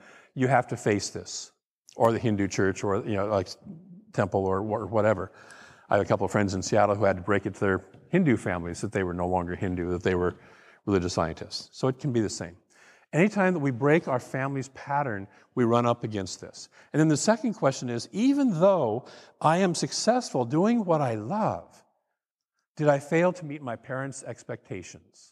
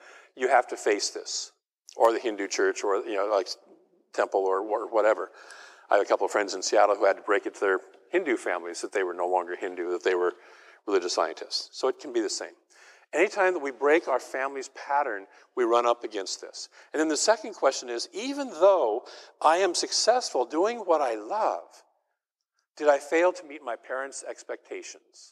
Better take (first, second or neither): first